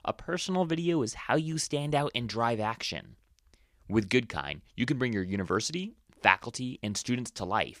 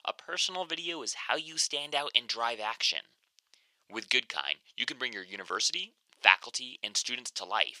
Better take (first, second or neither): first